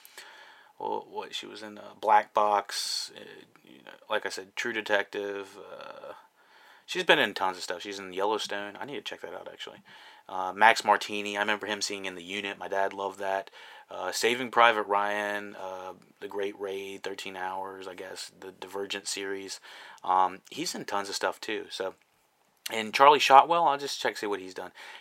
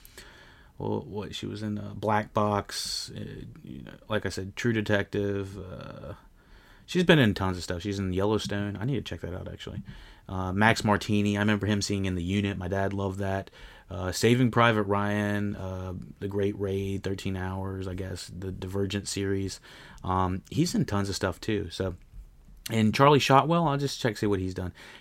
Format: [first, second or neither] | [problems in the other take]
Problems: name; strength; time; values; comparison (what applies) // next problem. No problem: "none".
second | thin; very; fading below 550 Hz